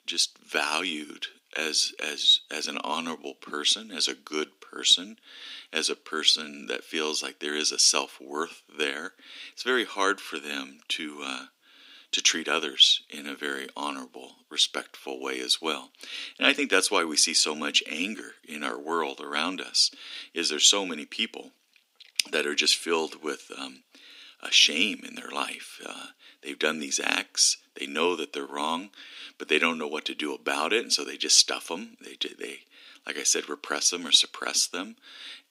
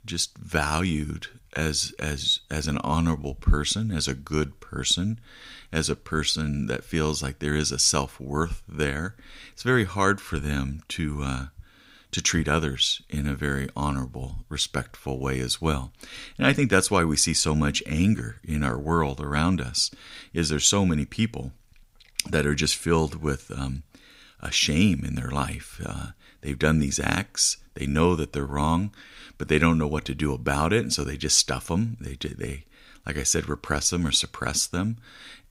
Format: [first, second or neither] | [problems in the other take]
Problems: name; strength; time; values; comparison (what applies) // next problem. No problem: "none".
second | thin; somewhat; fading below 250 Hz